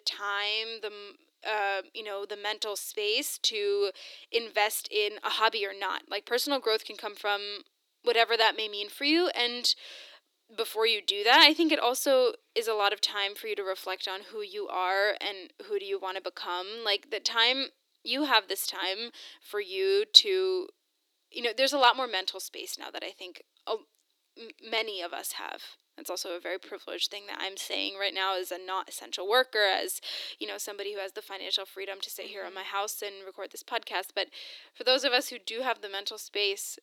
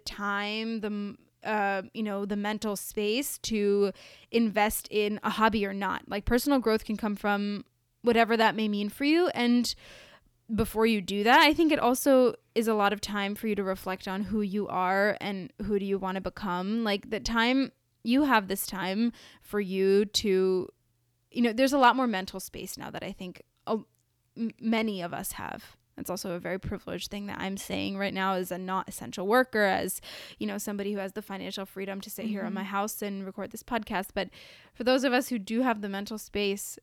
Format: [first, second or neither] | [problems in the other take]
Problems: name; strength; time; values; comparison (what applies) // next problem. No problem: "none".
second | thin; very; fading below 300 Hz